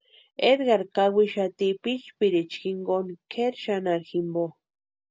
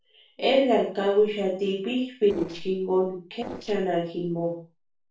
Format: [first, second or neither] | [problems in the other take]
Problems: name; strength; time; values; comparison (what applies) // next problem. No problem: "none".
first | noise reduction (neural separator model SepFormer DNS4)